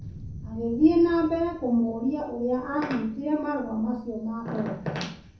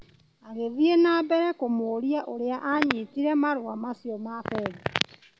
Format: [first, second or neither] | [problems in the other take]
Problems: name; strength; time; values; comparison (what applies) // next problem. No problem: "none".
second | background sound (Thunder); 18 dB below the speech // room echo; dies away in 0.5 s